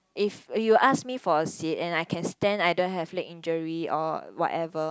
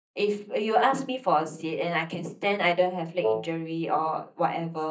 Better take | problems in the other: first | noise reduction (neural mask model DeepFilterNet 3)

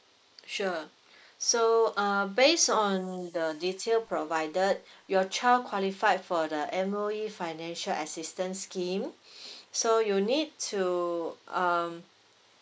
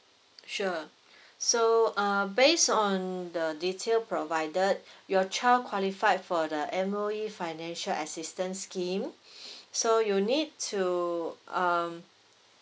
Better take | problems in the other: second | noise reduction (neural mask model Resemble Enhance denoiser)

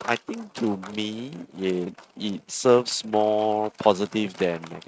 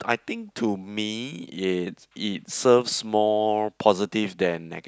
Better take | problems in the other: second | noise reduction (neural mask model RNNoise)

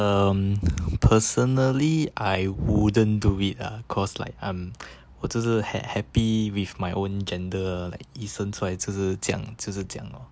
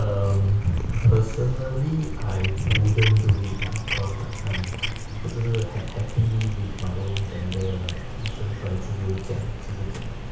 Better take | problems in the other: first | background sound (Cat); 5 dB below the speech // room echo; dies away in 0.6 s

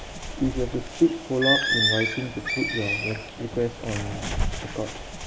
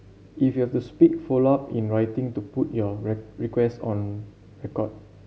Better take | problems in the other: second | background sound (Bird); as loud as the speech

